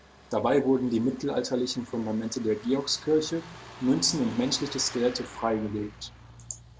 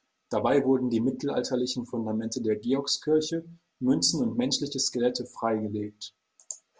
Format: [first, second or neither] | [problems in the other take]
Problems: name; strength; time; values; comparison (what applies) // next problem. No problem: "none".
second | background sound (Truck); 18 dB below the speech